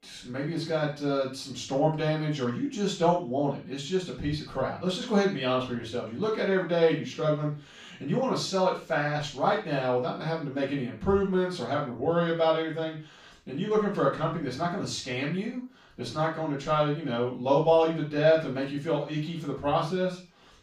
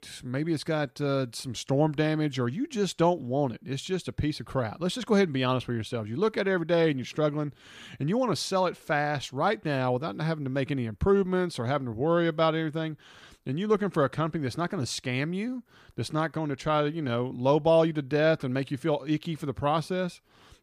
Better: second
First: room echo; noticeable; dies away in 0.3 s // off-mic speech; far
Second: none

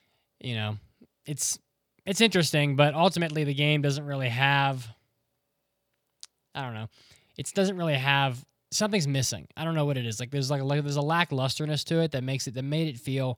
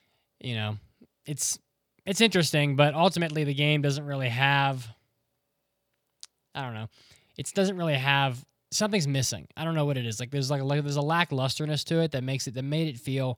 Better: neither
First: none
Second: none

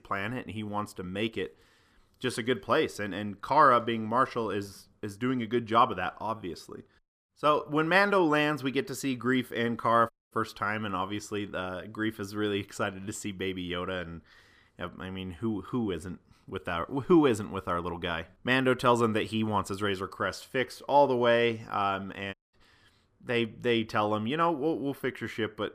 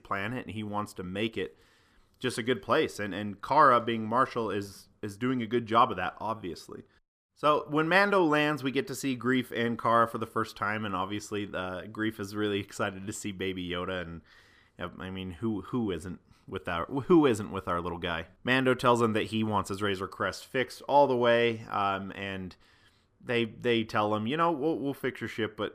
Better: second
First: audio cutting out; at 10 s and at 22 s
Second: none

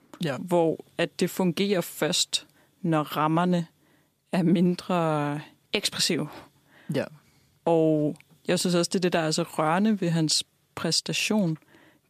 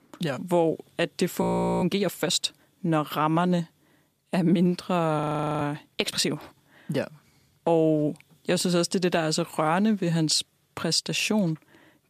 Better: first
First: none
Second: audio freezing; at 1.5 s and at 5 s

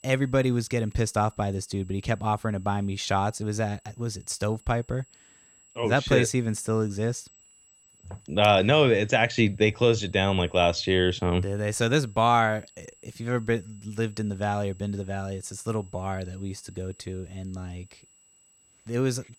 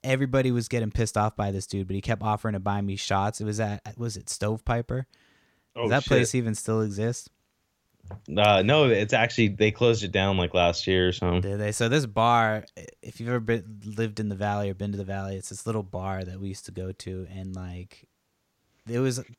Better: second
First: high-pitched whine; faint; throughout; 8 kHz, 30 dB below the speech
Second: none

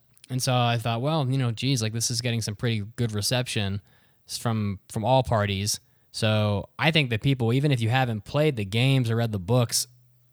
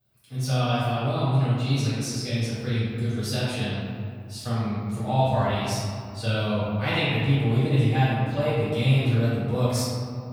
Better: first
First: none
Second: room echo; strong; dies away in 2.2 s // off-mic speech; far

